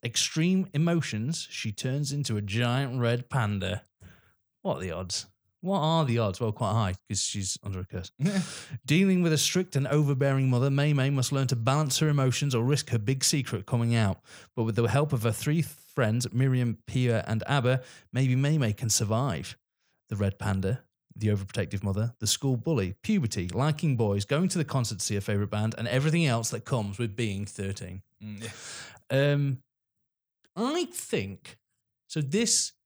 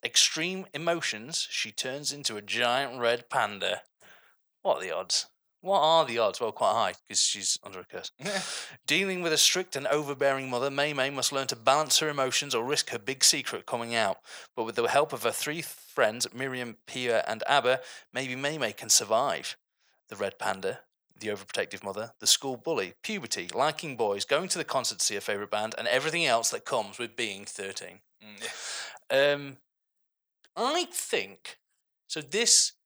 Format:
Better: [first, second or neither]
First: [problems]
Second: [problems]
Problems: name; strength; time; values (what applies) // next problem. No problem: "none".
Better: first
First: none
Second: thin; very; fading below 500 Hz